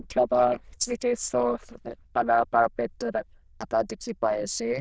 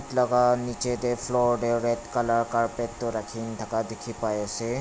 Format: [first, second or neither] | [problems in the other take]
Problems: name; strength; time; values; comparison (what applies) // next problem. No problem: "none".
second | noise reduction (neural diffusion model UNIVERSE++)